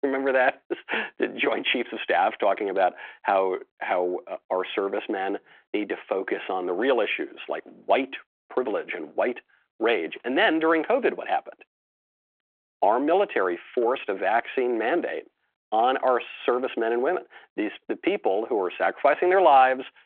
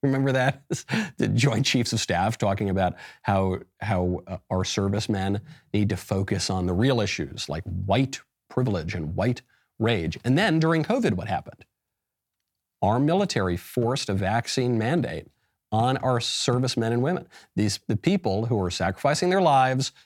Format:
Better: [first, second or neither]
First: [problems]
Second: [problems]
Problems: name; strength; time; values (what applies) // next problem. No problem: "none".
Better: second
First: phone-call audio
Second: none